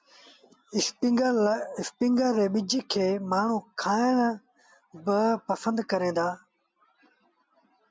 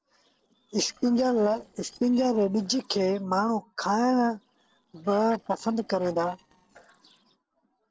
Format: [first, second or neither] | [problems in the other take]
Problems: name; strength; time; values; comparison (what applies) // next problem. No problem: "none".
first | noise reduction (neural separator model SepFormer DNS4)